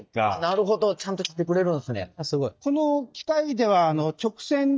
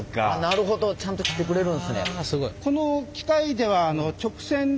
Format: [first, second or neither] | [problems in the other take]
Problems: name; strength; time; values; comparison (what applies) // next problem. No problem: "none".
second | noise reduction (neural mask model DeepFilterNet 3)